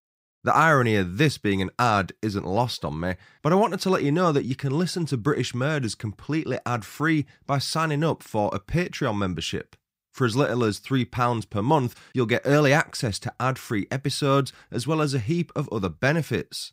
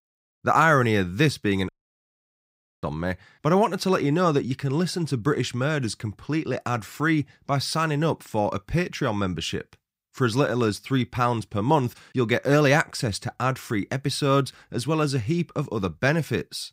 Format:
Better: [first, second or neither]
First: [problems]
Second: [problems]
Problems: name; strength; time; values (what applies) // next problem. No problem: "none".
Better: first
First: none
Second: audio cutting out; at 1.5 s for 1 s